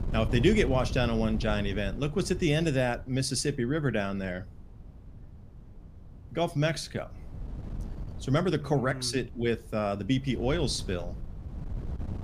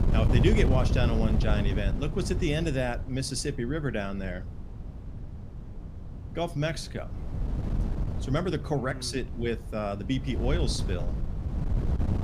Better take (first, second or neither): first